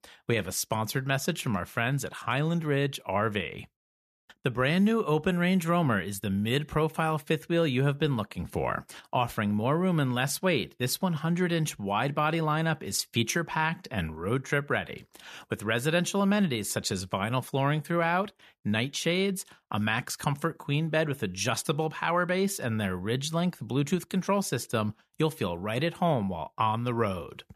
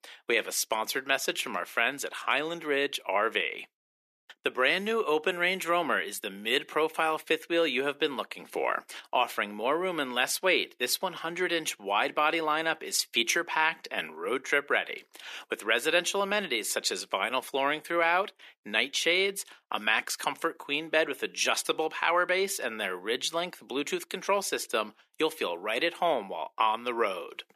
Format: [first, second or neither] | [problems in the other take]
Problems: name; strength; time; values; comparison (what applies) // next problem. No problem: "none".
first | thin; very; fading below 300 Hz